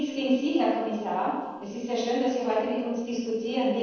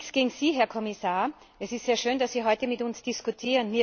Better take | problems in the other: second | noise reduction (neural separator model SepFormer DNS4)

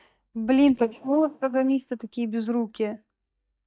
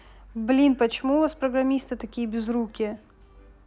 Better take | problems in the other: second | noise reduction (neural mask model DeepFilterNet 3)

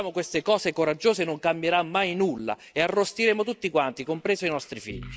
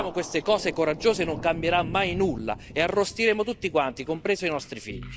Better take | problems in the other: first | background sound (Thunder); 13 dB below the speech

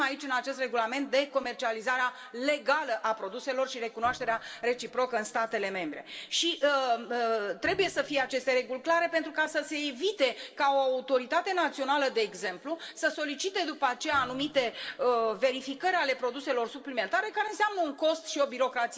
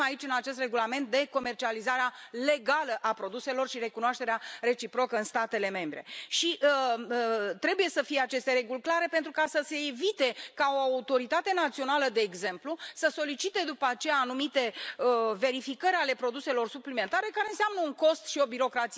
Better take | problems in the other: second | noise reduction (neural separator model SepFormer DNS4)

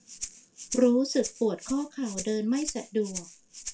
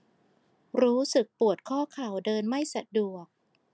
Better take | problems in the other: second | background sound (Rattle (instrument)); 12 dB below the speech // room echo; dies away in 0.2 s

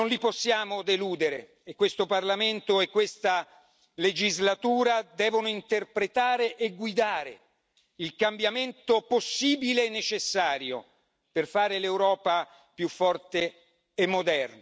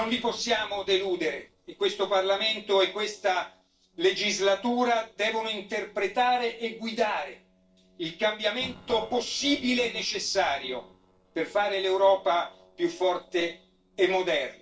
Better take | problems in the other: first | noise reduction (neural separator model SepFormer DNS4)

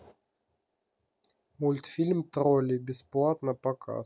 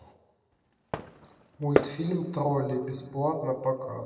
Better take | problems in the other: first | background sound (Fireworks); 3 dB below the speech // room echo; dies away in 2.6 s

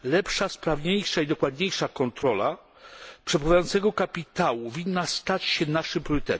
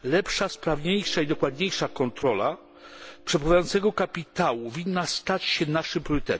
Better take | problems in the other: first | background sound (Piano); 20 dB below the speech

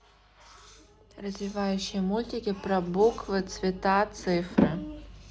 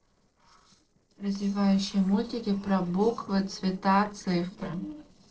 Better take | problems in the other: first | noise reduction (neural separator model SepFormer DNS4)

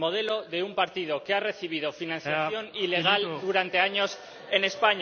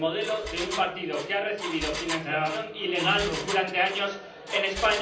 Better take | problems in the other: first | background sound (Engine); 10 dB below the speech // room echo; dies away in 0.6 s

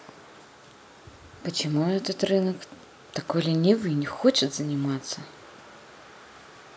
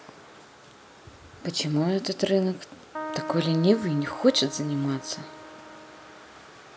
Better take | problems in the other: first | background sound (Keyboard (musical)); 12 dB below the speech

